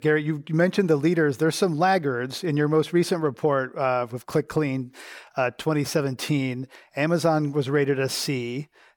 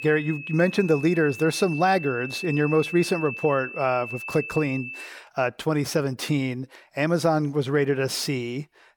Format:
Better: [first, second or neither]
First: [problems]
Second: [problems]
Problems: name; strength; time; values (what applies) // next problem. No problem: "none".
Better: first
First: none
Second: high-pitched whine; loud; until 5 s; 2.5 kHz, 9 dB below the speech